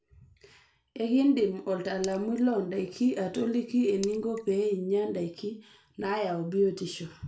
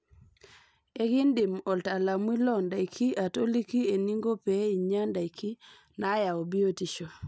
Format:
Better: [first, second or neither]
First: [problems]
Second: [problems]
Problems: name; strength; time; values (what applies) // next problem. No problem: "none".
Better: second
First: background sound (Raindrop / Splash, splatter); 20 dB below the speech // room echo; dies away in 0.3 s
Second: none